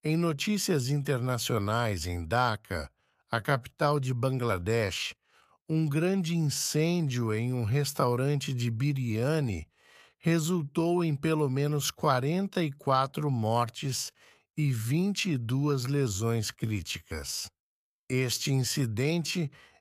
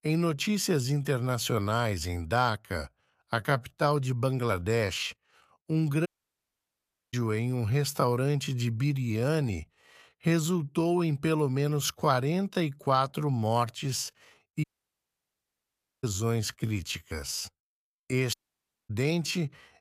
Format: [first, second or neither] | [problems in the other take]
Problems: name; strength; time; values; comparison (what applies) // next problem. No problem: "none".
first | audio cutting out; at 6 s for 1 s, at 15 s for 1.5 s and at 18 s for 0.5 s